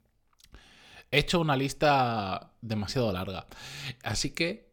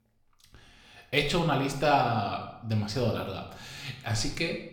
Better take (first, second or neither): first